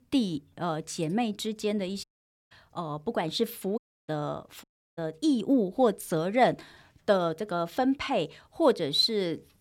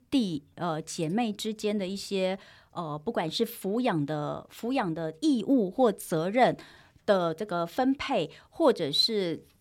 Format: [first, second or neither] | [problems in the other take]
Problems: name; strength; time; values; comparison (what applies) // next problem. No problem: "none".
second | audio cutting out; at 2 s, at 4 s and at 4.5 s